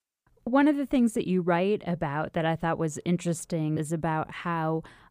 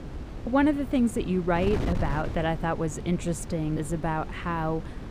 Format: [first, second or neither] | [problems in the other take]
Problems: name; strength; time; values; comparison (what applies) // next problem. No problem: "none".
first | wind noise on the microphone; occasional gusts; 15 dB below the speech